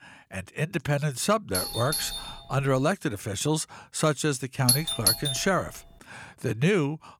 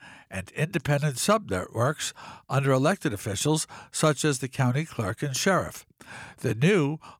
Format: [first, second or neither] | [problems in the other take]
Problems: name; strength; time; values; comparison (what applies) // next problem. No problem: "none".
second | doorbell; noticeable; from 1.5 to 3 s; peak 2 dB below the speech // doorbell; loud; at 4.5 s; peak 5 dB above the speech